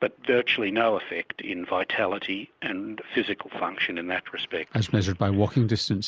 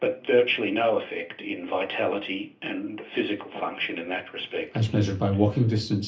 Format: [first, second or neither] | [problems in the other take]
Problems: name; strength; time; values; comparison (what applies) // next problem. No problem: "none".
first | room echo; dies away in 0.3 s